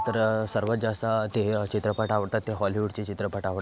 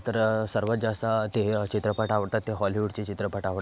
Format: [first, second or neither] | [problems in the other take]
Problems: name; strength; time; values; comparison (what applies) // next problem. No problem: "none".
second | background sound (Sliding door); 17 dB below the speech